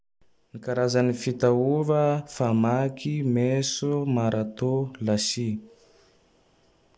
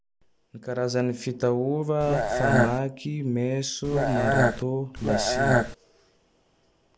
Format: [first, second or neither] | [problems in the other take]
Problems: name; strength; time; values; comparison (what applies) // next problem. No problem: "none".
first | background sound (Burping, eructation); 4 dB above the speech